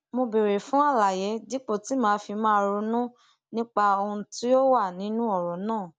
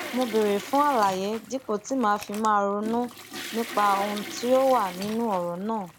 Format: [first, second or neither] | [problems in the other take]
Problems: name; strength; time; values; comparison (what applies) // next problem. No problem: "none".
first | background sound (Zipper (clothing) + Toilet flush / Water); 13 dB below the speech